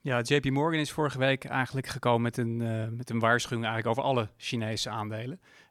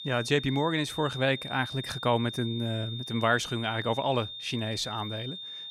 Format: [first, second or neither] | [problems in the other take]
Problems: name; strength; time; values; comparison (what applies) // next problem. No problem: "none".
first | high-pitched whine; loud; throughout; 3.5 kHz, 8 dB below the speech